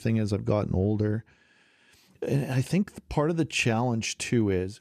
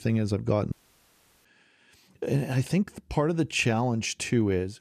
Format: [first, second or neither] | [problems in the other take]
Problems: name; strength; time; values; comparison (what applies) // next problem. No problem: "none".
first | audio cutting out; at 0.5 s for 0.5 s